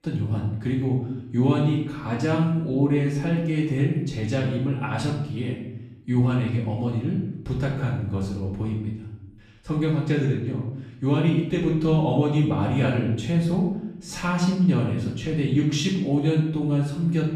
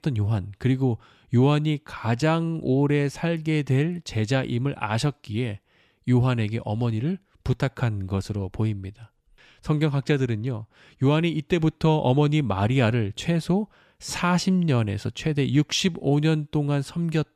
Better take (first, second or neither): second